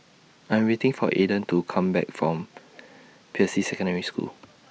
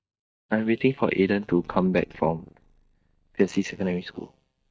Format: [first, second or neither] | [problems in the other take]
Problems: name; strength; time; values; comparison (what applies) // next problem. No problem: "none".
first | noise reduction (neural mask model DeepFilterNet 3)